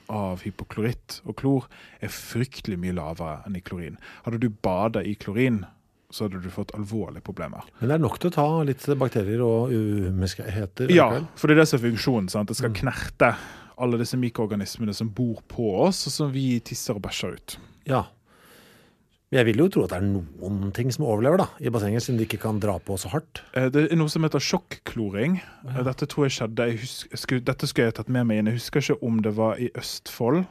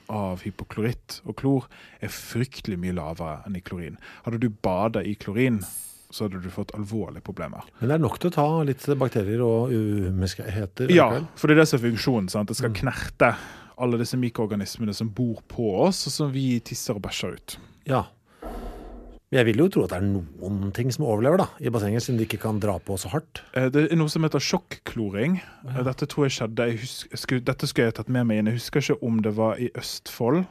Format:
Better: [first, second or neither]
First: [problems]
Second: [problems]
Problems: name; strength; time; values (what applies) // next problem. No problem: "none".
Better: first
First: none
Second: jangling keys; noticeable; at 5.5 s; peak 9 dB below the speech // door banging; faint; at 18 s; peak 15 dB below the speech